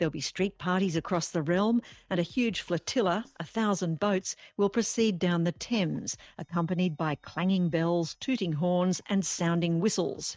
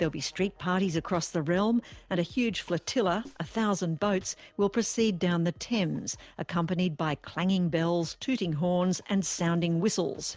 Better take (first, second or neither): second